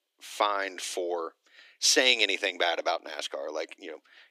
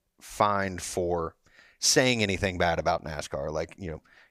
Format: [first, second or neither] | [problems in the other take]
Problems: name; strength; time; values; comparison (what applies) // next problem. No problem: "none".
second | thin; somewhat; fading below 300 Hz